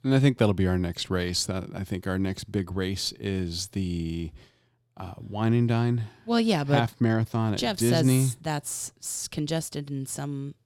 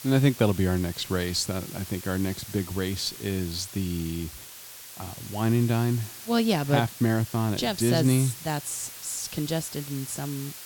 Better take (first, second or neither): first